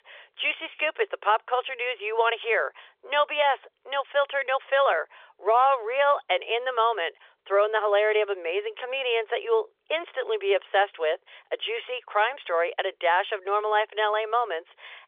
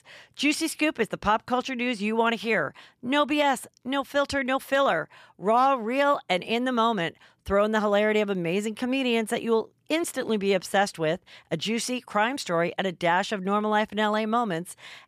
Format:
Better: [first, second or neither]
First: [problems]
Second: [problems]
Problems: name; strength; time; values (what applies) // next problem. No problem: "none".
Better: second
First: phone-call audio; nothing above 3.5 kHz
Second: none